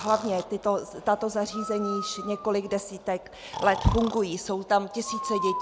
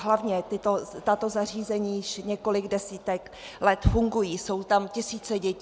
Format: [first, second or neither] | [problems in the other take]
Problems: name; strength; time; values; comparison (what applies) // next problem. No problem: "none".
second | background sound (Breathing); 10 dB below the speech